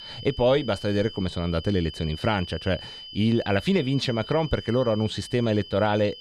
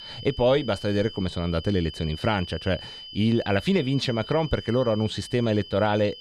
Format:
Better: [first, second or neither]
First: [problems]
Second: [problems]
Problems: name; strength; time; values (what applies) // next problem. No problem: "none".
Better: neither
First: high-pitched whine; noticeable; throughout; 3 kHz, 15 dB below the speech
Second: high-pitched whine; noticeable; throughout; 3 kHz, 15 dB below the speech